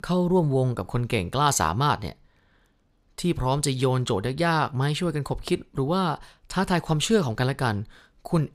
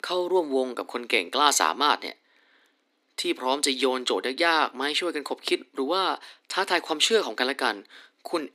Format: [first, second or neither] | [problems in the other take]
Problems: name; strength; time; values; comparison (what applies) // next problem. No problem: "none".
first | thin; somewhat; fading below 250 Hz